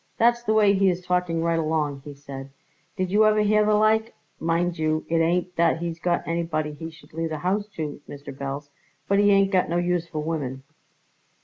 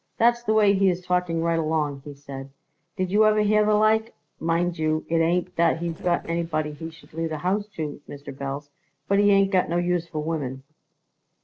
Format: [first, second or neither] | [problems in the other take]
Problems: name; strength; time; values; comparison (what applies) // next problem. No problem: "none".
first | noise reduction (neural separator model SepFormer DNS4)